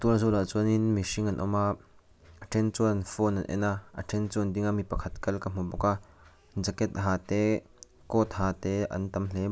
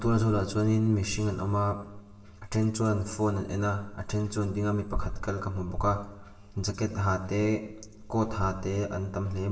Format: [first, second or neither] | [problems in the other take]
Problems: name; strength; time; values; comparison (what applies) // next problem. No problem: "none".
first | room echo; dies away in 1 s